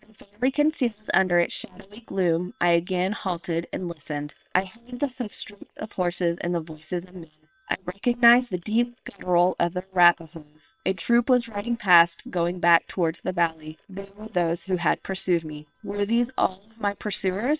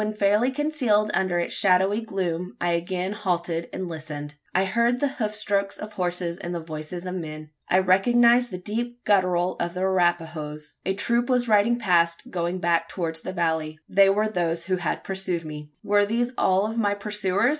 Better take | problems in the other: second | noise reduction (neural separator model SepFormer WHAM!)

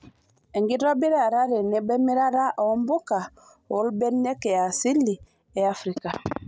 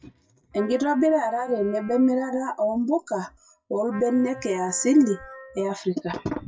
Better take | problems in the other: first | noise reduction (classical method WPE with log-MMSE)

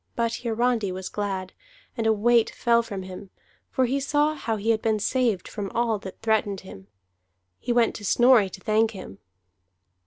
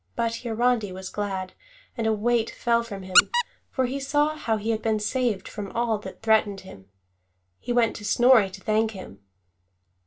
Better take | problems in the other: first | background sound (Squeak); 3 dB below the speech // room echo; dies away in 0.2 s

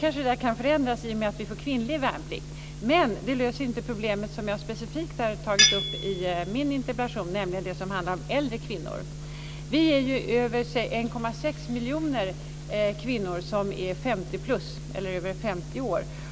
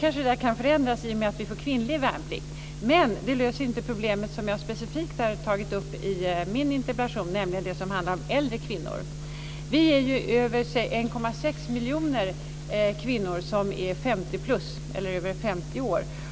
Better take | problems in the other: second | background sound (Tools); 2 dB below the speech

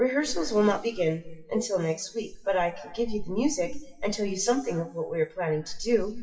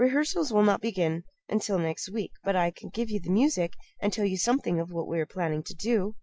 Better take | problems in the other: second | noise reduction (classical method WPE with log-MMSE)

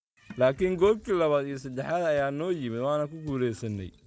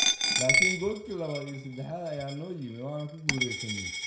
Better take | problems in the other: first | background sound (Coin (dropping)); 4 dB above the speech // room echo; dies away in 0.4 s

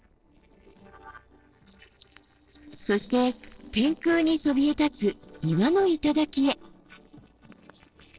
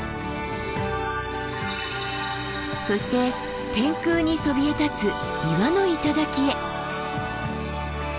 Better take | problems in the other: second | noise reduction (neural separator model SepFormer DNS4)

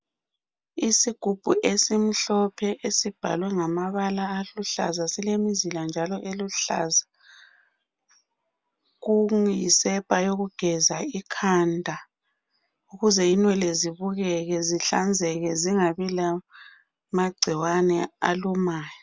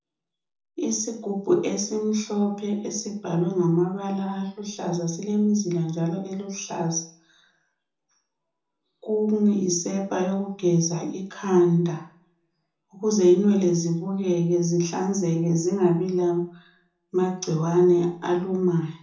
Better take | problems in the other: first | room echo; dies away in 0.6 s

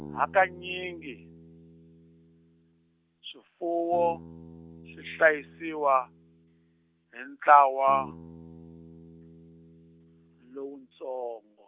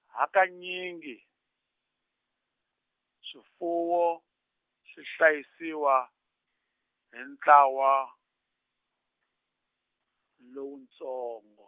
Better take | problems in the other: second | background sound (Bass guitar); 19 dB below the speech

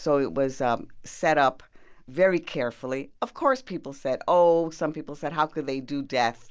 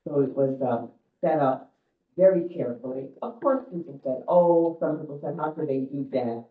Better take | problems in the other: first | noise reduction (neural mask model DeepFilterNet 3)

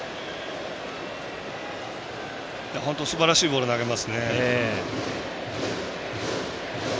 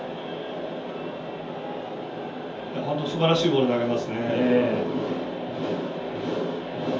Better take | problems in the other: first | room echo; dies away in 0.5 s

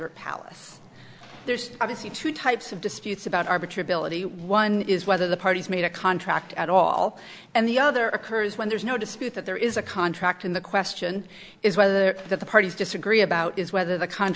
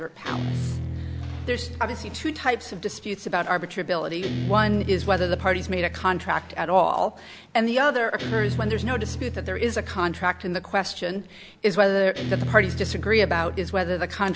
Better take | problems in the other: first | background sound (Guitar); 7 dB below the speech

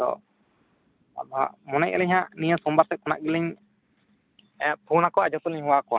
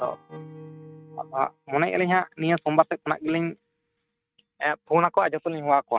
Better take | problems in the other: first | noise reduction (neural mask model RNNoise)

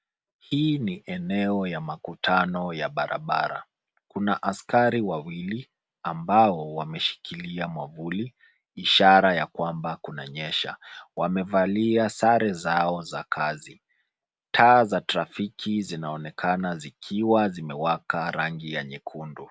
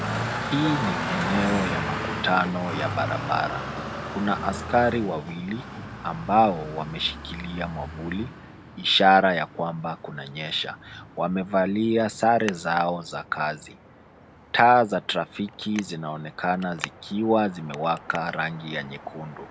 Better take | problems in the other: first | background sound (Traffic noise, roadway noise); 9 dB below the speech

